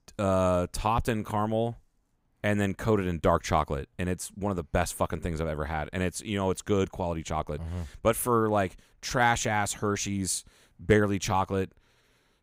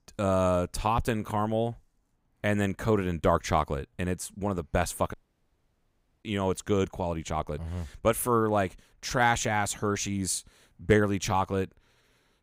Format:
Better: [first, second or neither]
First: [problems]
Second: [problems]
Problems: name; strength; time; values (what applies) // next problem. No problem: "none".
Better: first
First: none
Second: audio cutting out; at 5 s for 1 s